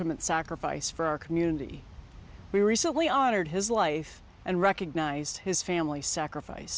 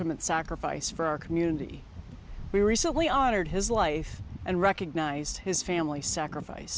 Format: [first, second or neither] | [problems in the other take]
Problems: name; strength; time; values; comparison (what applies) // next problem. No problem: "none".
first | background sound (Wind); 12 dB below the speech